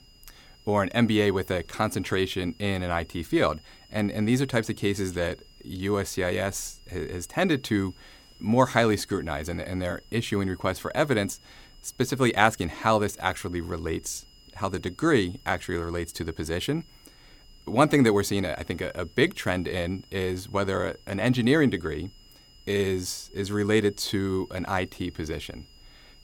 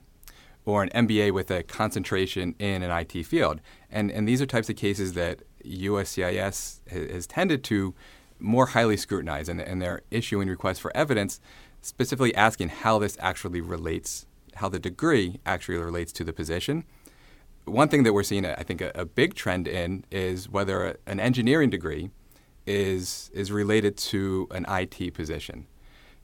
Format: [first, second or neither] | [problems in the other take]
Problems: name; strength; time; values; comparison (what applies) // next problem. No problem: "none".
second | high-pitched whine; faint; throughout; 5 kHz, 30 dB below the speech